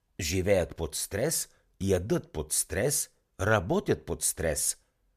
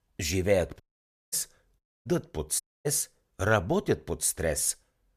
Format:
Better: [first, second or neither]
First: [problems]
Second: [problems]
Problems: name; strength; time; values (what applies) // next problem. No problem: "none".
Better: first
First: none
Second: audio cutting out; at 1 s for 0.5 s, at 2 s and at 2.5 s